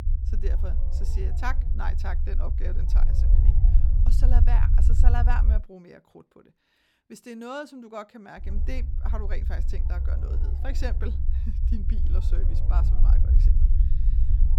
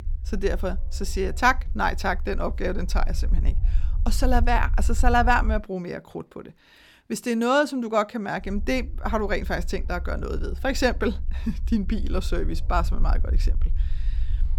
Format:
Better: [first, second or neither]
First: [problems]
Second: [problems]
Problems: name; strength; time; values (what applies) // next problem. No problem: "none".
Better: second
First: low rumble; loud; until 5.5 s and from 8.5 s on; 6 dB below the speech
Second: low rumble; faint; until 5.5 s and from 8.5 s on; 25 dB below the speech